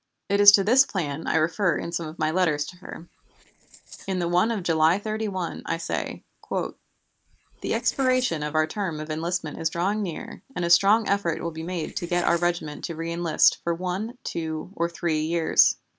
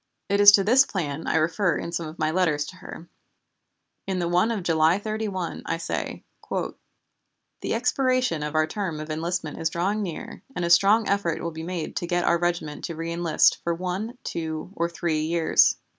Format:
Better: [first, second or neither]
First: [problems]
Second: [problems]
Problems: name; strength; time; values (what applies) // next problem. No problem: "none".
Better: second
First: noise reduction (neural separator model SepFormer DNS4)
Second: none